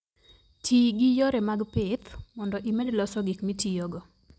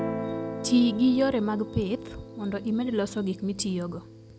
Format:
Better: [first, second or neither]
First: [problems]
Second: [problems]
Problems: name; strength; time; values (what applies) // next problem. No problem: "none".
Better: first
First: none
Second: background sound (Guitar); 9 dB below the speech